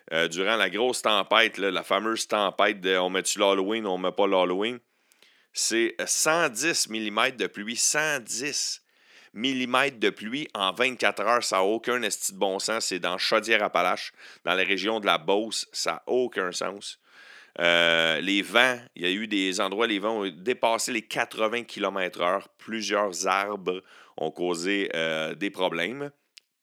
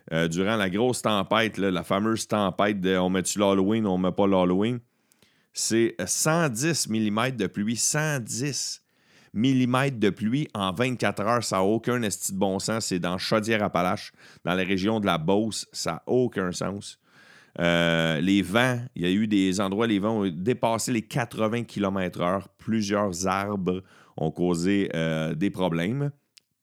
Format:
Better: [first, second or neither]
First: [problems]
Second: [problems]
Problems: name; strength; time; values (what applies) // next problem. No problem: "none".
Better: second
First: thin; somewhat; fading below 400 Hz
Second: none